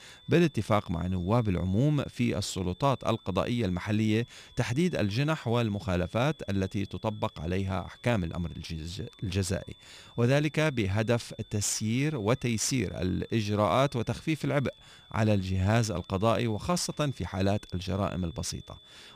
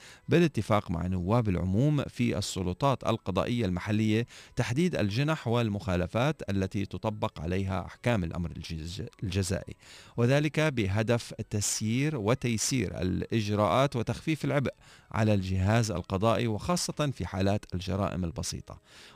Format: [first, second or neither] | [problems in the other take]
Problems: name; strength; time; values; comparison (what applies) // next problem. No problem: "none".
second | high-pitched whine; faint; throughout; 3.5 kHz, 25 dB below the speech